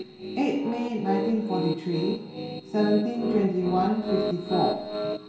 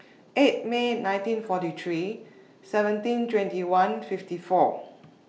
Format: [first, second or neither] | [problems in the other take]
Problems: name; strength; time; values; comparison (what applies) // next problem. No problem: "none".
second | background sound (Piano); 5 dB below the speech // room echo; dies away in 0.6 s